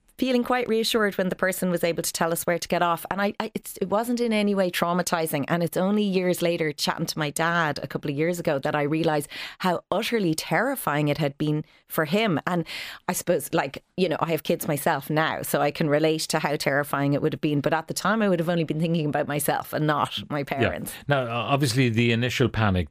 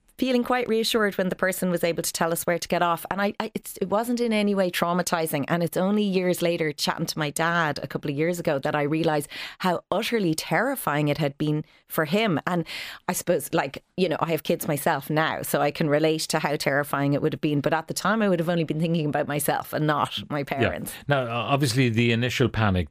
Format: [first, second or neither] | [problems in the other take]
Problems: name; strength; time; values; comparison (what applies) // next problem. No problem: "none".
neither | none